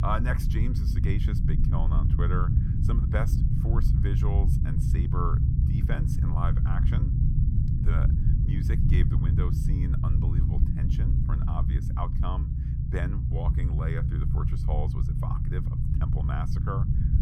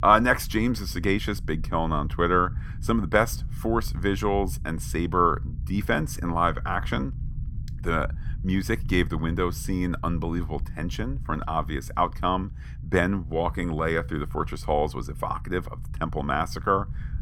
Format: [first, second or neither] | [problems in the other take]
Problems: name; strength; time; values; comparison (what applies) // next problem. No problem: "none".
second | low rumble; loud; throughout; 1 dB below the speech; faint in the second